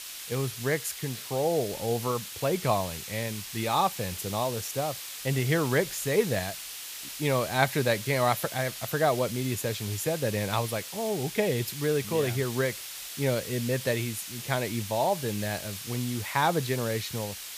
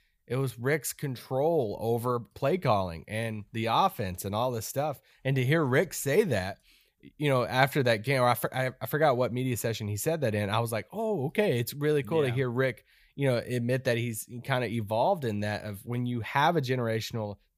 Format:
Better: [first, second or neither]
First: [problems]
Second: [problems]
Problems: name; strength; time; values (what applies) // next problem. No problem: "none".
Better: second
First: hiss; loud; throughout; 8 dB below the speech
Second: none